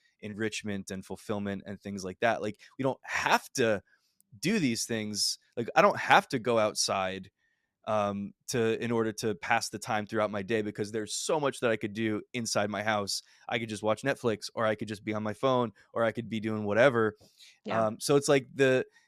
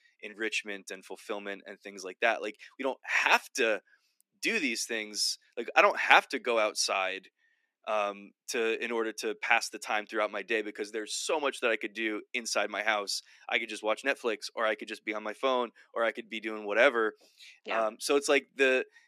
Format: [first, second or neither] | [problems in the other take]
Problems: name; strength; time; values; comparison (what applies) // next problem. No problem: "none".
first | thin; somewhat; fading below 250 Hz